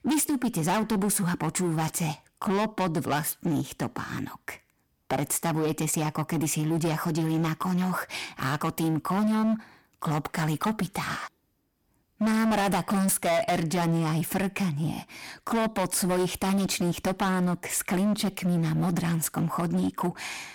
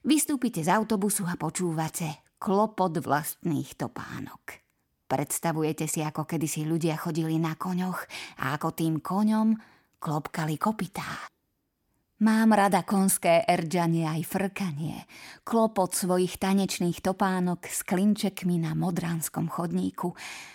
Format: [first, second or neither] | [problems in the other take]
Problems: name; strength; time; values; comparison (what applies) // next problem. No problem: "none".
second | distortion; heavy; 17% of the sound clipped